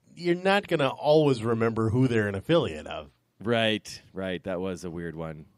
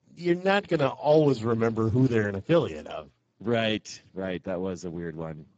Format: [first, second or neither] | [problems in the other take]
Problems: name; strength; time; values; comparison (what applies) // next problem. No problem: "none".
first | garbled, watery; badly; nothing above 7.5 kHz